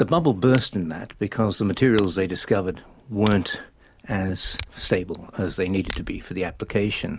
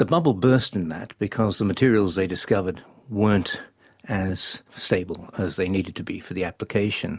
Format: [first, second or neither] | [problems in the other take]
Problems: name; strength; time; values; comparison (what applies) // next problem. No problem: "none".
second | background sound (Tick); 17 dB below the speech